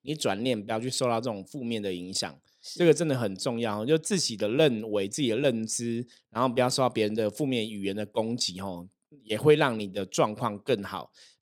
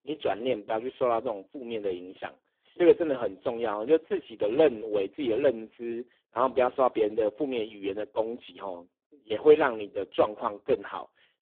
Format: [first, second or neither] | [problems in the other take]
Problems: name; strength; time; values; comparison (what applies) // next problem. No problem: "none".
first | phone-call audio; poor line